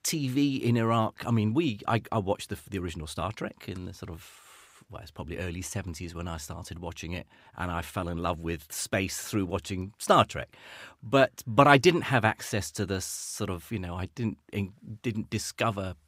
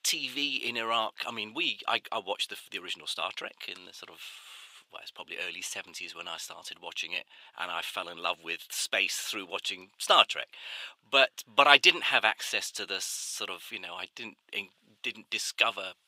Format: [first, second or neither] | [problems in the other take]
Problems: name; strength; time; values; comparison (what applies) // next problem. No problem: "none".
first | thin; very; fading below 600 Hz